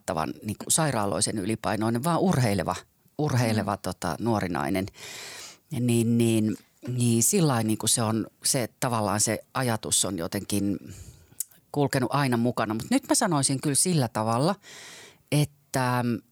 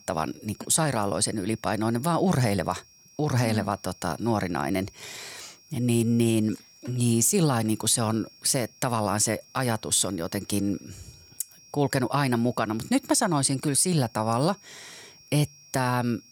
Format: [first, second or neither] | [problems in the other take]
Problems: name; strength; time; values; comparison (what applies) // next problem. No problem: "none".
first | high-pitched whine; faint; throughout; 5.5 kHz, 25 dB below the speech